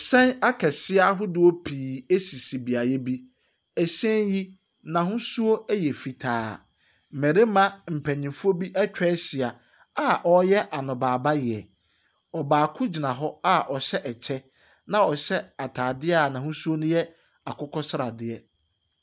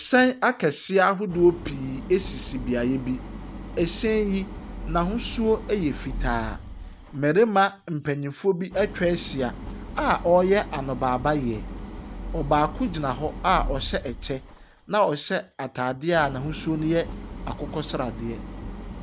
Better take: first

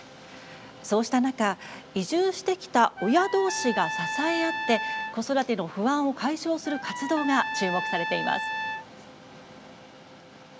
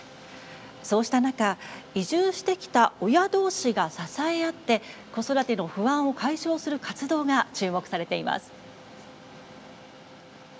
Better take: second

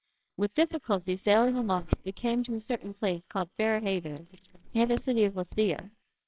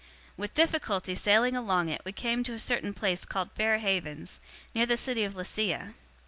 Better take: second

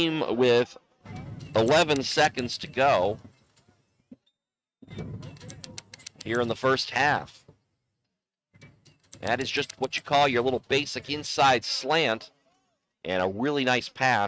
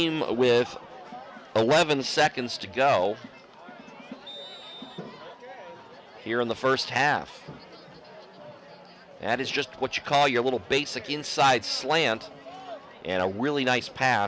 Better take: second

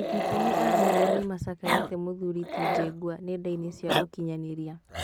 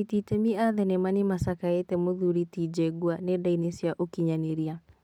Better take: second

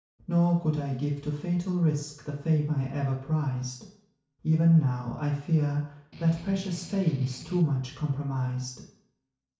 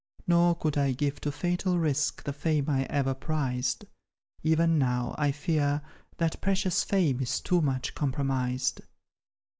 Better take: second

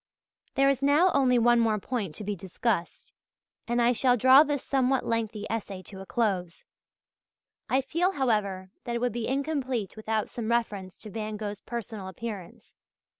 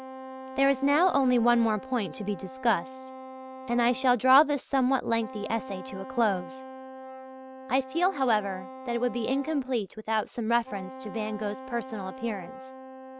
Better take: first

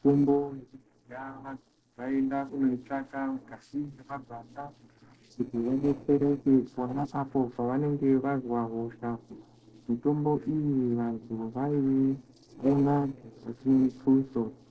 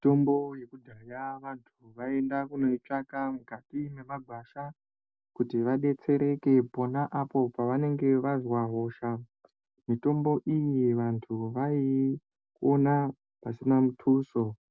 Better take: second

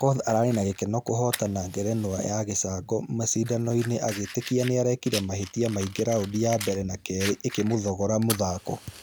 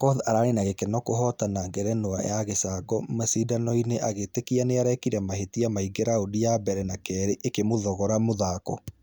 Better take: second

